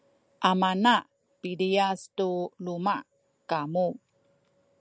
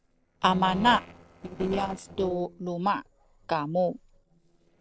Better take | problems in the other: first | noise reduction (neural separator model SepFormer DNS4)

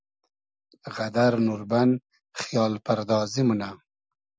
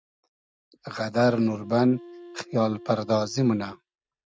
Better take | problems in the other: first | noise reduction (neural mask model RNNoise)

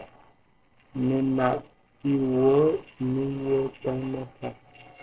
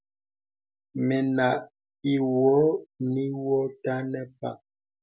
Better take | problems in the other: second | noise reduction (neural separator model SepFormer DNS4)

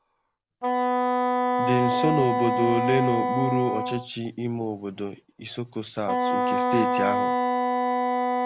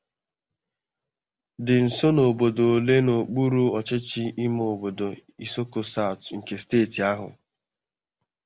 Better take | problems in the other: second | background sound (Wind instrument, woodwind instrument); 3 dB above the speech

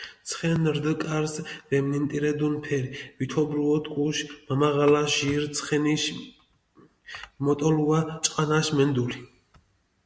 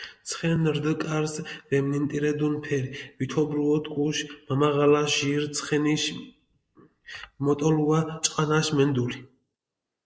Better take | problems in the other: first | noise reduction (neural mask model Resemble Enhance denoiser)

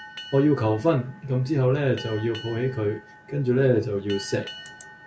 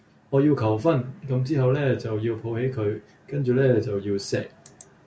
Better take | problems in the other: second | background sound (Boat, Water vehicle); 19 dB below the speech

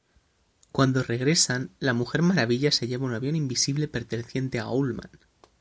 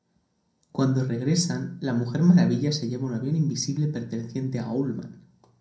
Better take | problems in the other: first | room echo; dies away in 0.6 s

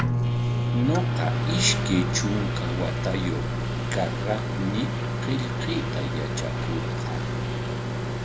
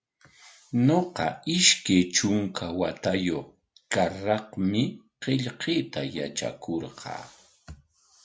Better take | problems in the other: second | background sound (Microwave oven); 4 dB above the speech

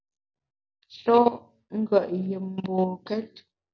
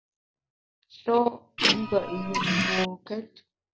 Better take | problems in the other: first | background sound (Printer); 4 dB above the speech

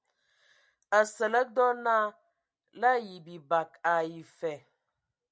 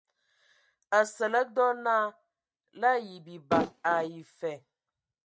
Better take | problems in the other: first | noise reduction (neural mask model RNNoise)

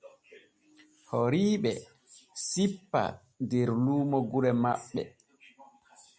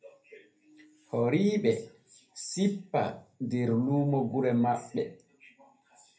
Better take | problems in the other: first | room echo; dies away in 0.3 s

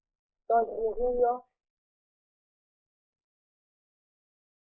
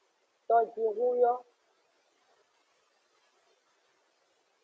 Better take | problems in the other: second | noise reduction (neural mask model Resemble Enhance denoiser)

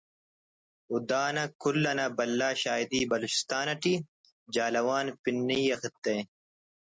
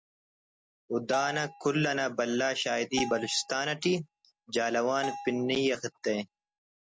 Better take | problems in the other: first | background sound (Bell); 12 dB below the speech

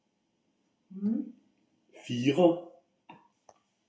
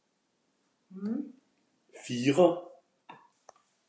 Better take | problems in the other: second | room echo; dies away in 0.1 s

